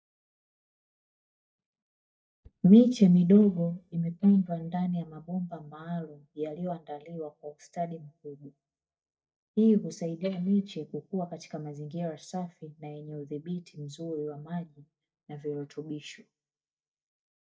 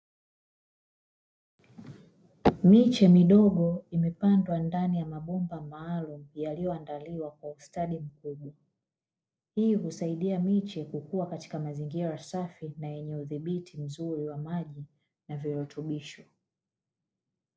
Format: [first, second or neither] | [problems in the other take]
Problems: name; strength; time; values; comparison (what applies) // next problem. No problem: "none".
second | noise reduction (neural mask model DeepFilterNet 3)